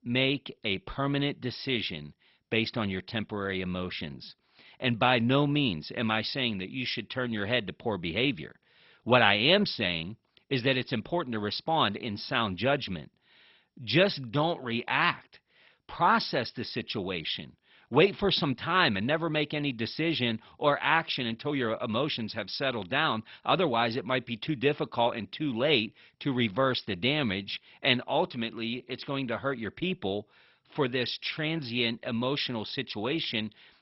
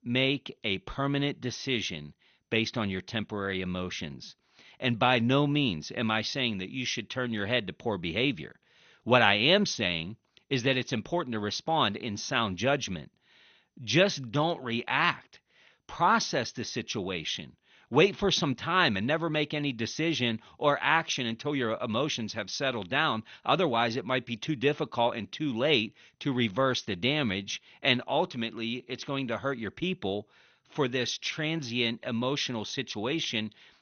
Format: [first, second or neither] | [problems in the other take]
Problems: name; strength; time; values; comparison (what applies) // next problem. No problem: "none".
second | garbled, watery; badly; nothing above 5.5 kHz; slightly in the second